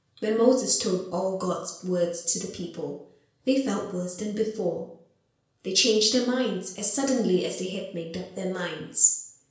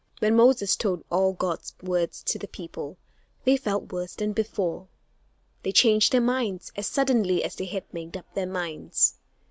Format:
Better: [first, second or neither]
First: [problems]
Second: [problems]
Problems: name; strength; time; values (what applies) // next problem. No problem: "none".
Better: second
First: room echo; dies away in 0.5 s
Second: none